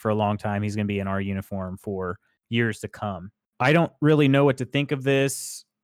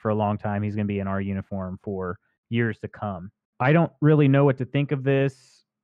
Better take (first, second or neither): first